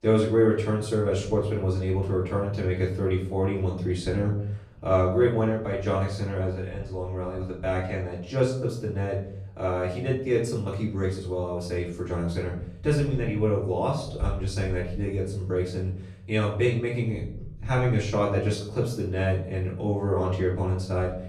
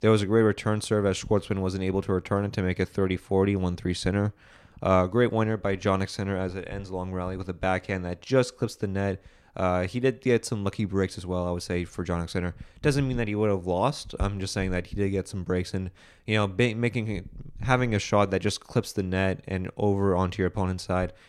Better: second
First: off-mic speech; far // room echo; noticeable; dies away in 0.7 s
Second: none

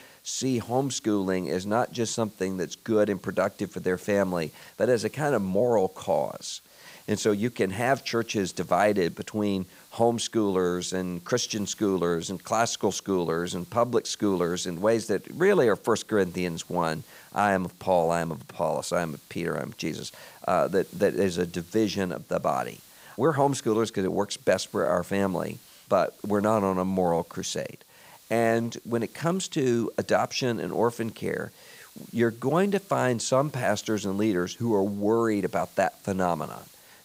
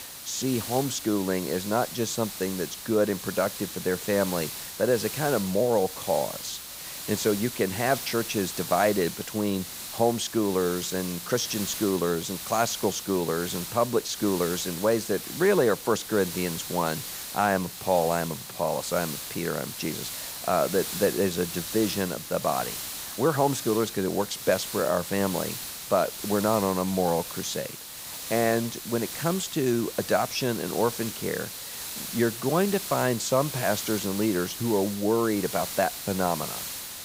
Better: first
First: hiss; faint; throughout; 25 dB below the speech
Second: hiss; loud; throughout; 7 dB below the speech

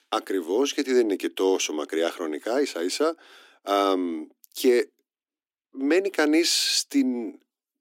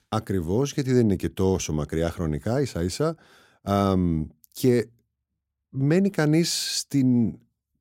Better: second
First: thin; somewhat; fading below 250 Hz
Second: none

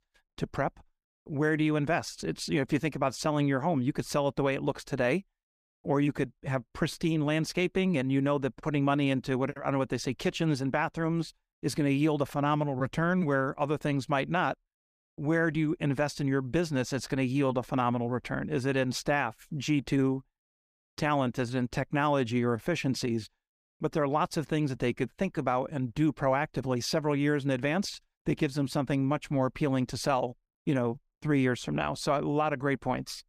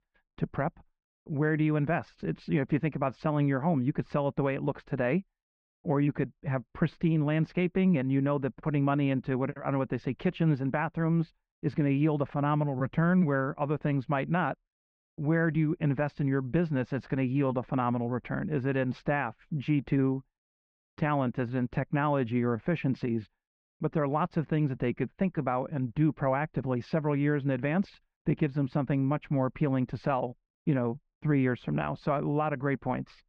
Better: first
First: none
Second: muffled; very; fading above 2.5 kHz

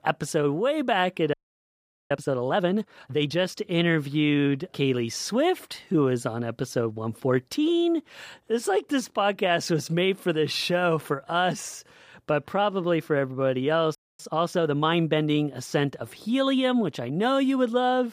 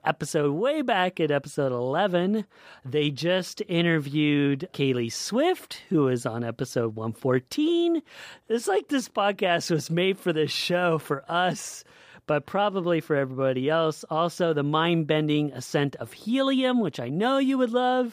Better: second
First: audio freezing; at 1.5 s for 1 s and at 14 s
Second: none

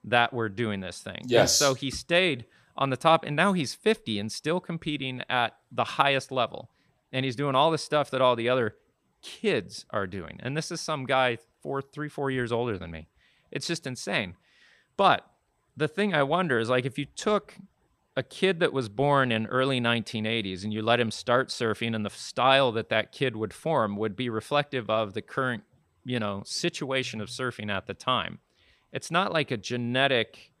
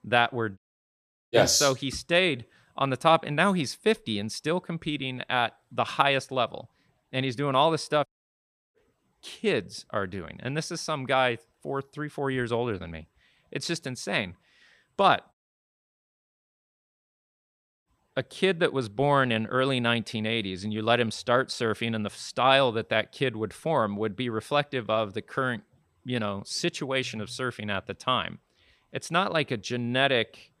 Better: first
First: none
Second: audio cutting out; at 0.5 s for 0.5 s, at 8 s for 0.5 s and at 15 s for 2.5 s

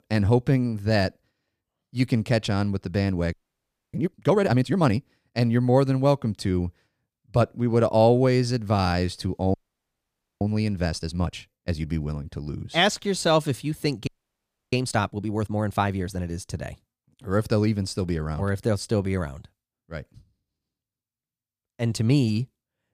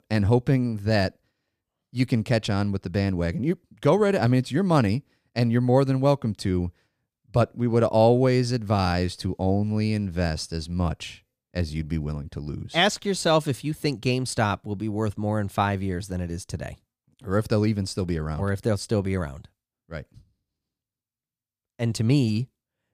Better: second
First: audio freezing; at 3.5 s for 0.5 s, at 9.5 s for 1 s and at 14 s for 0.5 s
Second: none

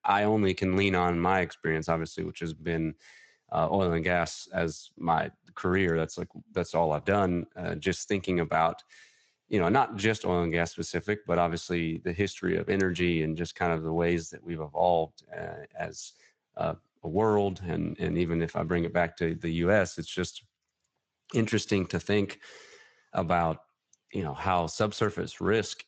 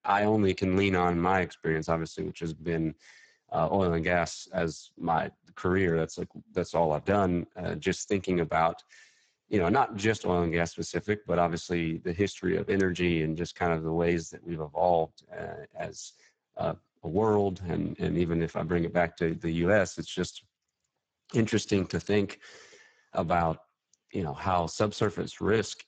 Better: first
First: garbled, watery; slightly; nothing above 7.5 kHz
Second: garbled, watery; badly; nothing above 7.5 kHz

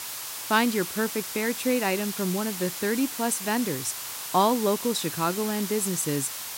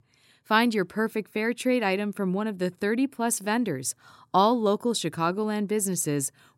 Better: second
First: hiss; loud; throughout; 6 dB below the speech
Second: none

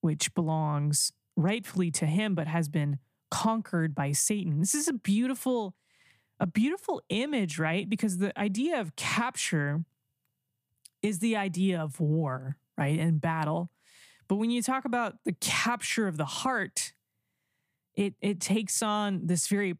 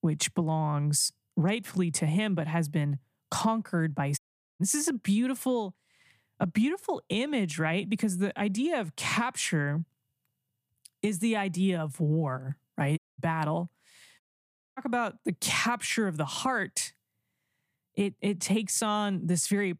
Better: first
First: none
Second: audio cutting out; at 4 s, at 13 s and at 14 s for 0.5 s

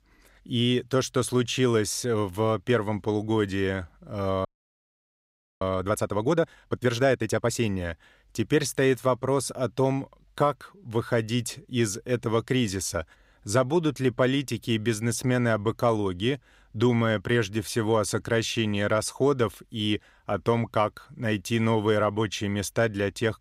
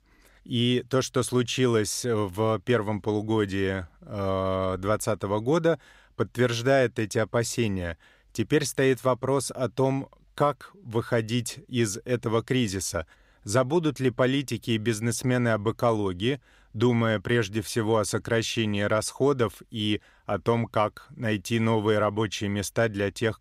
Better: second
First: audio freezing; at 4.5 s for 1 s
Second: none

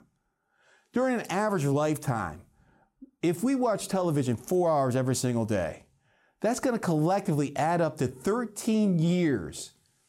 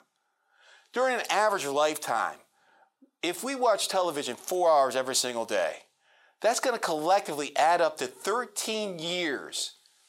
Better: first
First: none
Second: thin; very; fading below 650 Hz

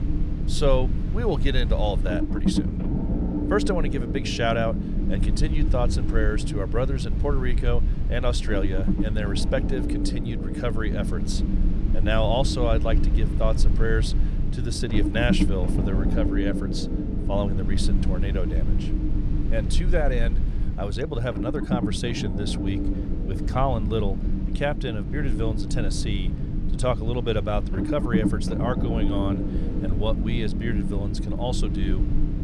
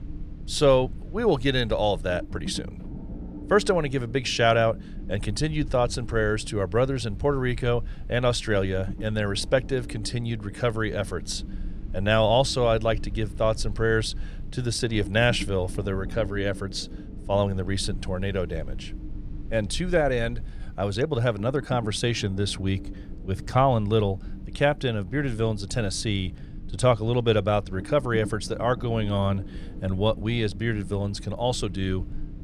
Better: second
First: low rumble; loud; throughout; 6 dB below the speech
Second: low rumble; faint; throughout; 20 dB below the speech

